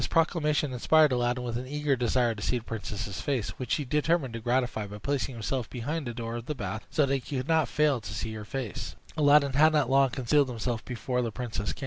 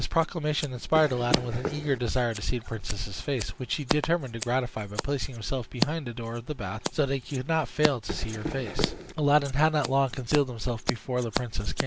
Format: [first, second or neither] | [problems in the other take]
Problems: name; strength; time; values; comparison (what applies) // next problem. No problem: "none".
first | background sound (Scissors + Run); 8 dB below the speech